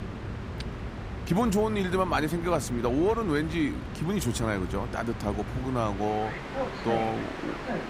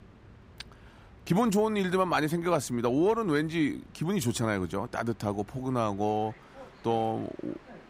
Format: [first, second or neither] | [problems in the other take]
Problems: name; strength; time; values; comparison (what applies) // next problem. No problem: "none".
second | train or aircraft noise; loud; throughout; 7 dB below the speech; faint in the second